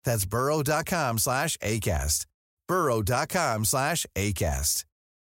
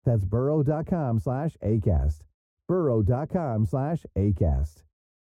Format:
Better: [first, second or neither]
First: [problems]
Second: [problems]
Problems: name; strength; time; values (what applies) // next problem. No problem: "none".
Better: first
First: none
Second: muffled; very; fading above 1.5 kHz